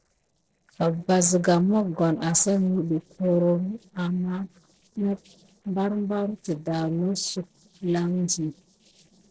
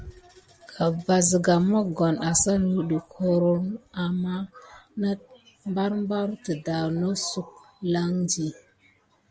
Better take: second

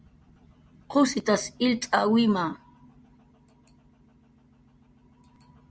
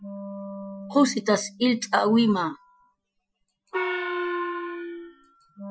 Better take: first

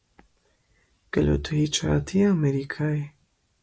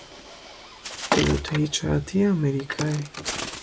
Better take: first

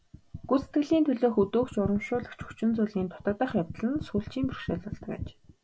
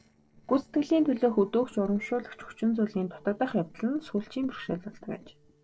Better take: first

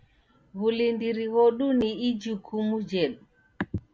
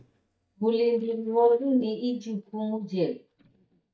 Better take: first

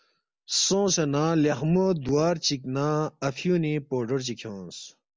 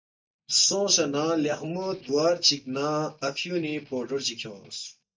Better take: first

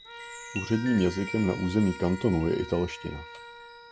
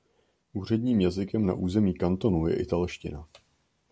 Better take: second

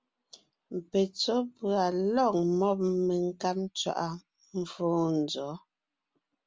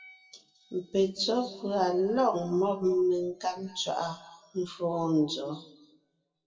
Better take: first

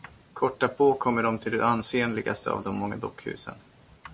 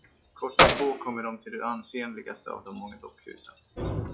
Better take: first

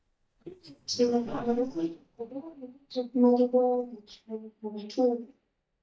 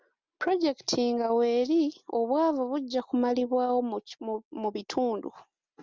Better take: second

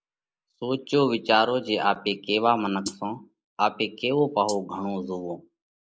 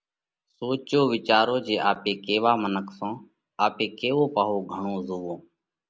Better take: second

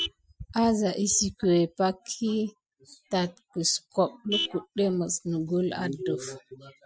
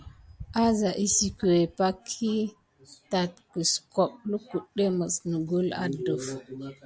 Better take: second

